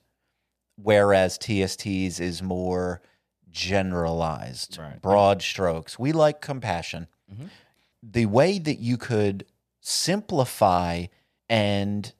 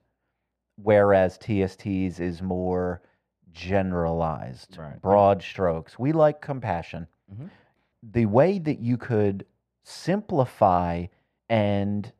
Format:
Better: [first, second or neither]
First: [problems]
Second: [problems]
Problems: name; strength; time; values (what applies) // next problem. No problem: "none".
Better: first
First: none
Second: muffled; very; fading above 3 kHz